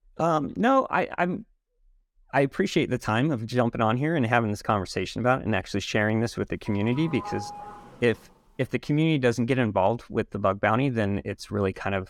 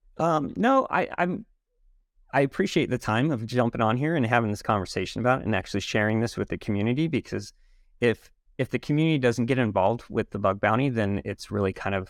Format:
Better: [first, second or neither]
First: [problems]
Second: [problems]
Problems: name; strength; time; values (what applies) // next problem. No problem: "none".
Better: second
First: doorbell; faint; from 6.5 to 8 s; peak 10 dB below the speech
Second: none